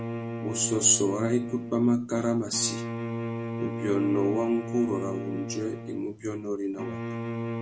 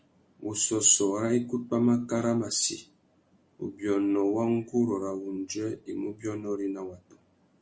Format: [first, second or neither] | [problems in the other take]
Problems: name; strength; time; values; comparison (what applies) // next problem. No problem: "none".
second | background sound (Bowed string instrument); 6 dB below the speech